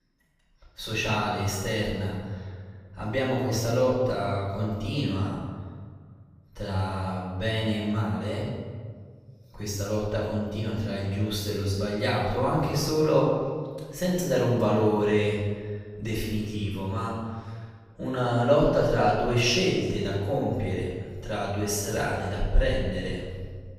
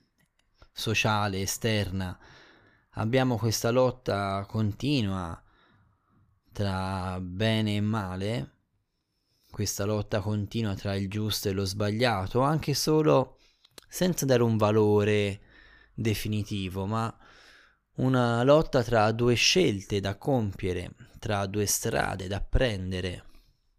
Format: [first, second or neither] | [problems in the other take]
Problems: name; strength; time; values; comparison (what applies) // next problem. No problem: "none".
second | off-mic speech; far // room echo; noticeable; dies away in 1.5 s